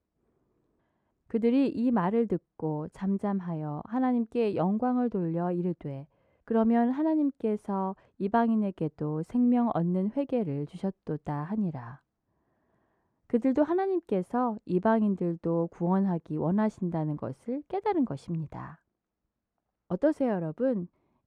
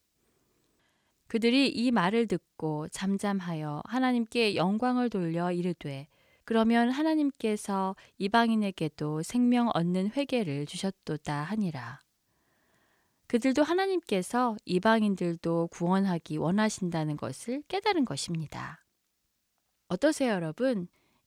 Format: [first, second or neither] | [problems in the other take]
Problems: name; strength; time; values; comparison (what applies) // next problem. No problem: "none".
second | muffled; very; fading above 2 kHz